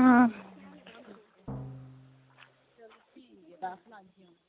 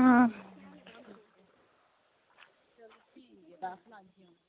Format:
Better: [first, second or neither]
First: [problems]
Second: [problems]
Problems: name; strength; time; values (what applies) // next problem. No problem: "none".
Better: second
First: background sound (Drum); 15 dB below the speech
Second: none